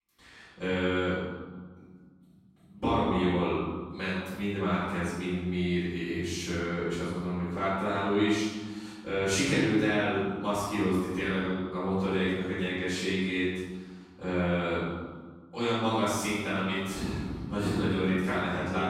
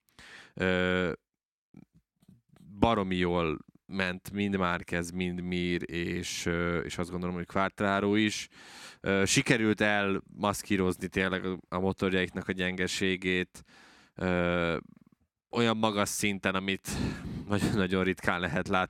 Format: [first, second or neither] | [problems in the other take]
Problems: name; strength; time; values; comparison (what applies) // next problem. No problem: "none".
second | off-mic speech; far // room echo; strong; dies away in 1.2 s